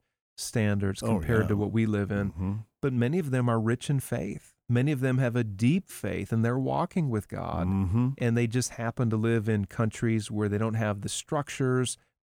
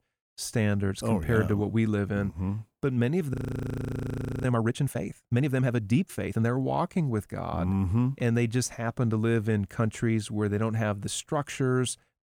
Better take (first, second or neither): first